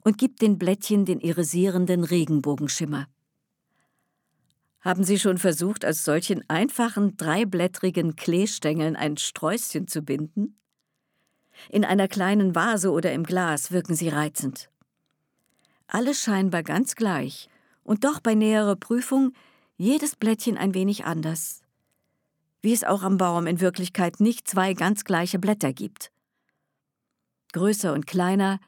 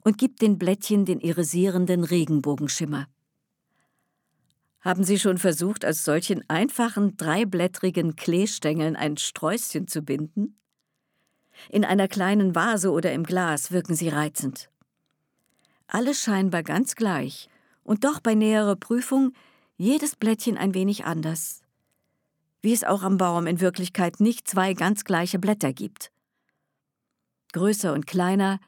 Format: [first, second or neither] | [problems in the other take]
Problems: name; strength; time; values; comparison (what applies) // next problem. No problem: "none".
neither | none